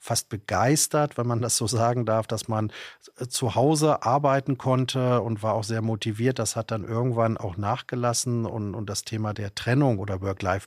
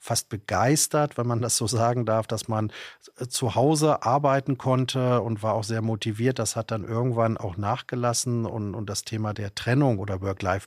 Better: neither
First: none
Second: none

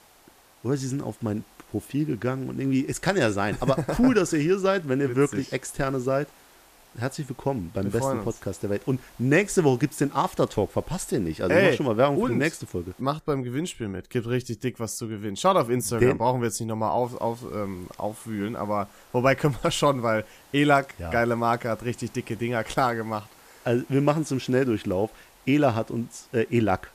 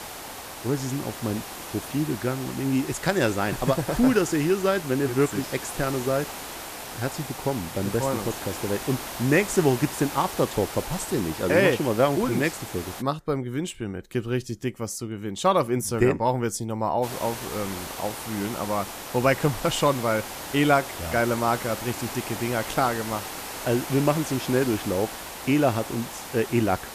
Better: first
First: hiss; faint; until 13 s and from 17 s on; 25 dB below the speech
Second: hiss; loud; until 13 s and from 17 s on; 9 dB below the speech

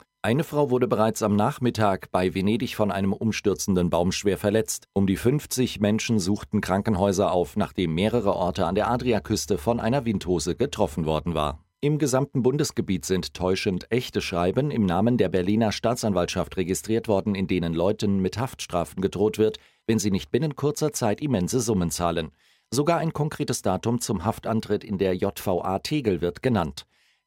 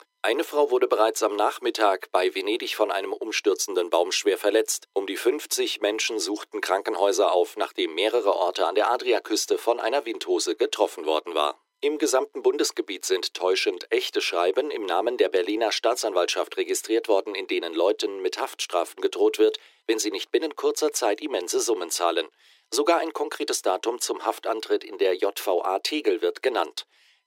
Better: first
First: none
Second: thin; very; fading below 300 Hz

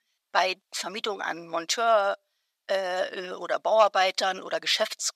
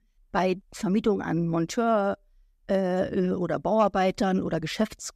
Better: second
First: thin; very; fading below 900 Hz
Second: none

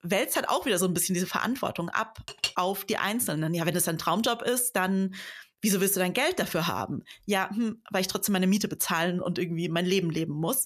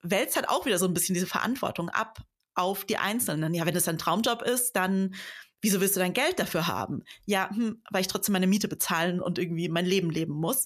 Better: second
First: clattering dishes; noticeable; at 2.5 s; peak 4 dB below the speech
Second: none

